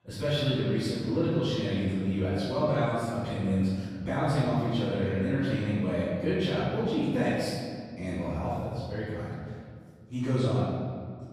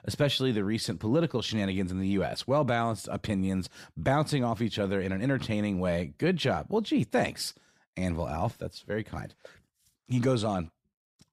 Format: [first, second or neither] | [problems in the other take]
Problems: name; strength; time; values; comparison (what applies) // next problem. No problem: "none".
second | off-mic speech; far // room echo; strong; dies away in 1.9 s